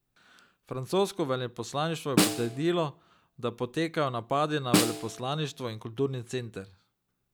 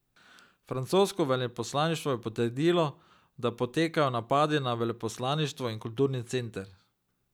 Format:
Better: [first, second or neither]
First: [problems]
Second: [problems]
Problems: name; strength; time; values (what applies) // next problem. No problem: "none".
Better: second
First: background sound (Snare drum); 1 dB below the speech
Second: none